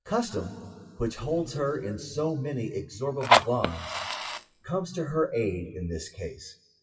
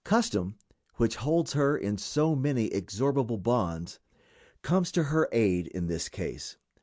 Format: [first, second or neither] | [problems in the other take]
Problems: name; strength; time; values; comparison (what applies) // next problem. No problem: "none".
second | noise reduction (classical method WPE with log-MMSE)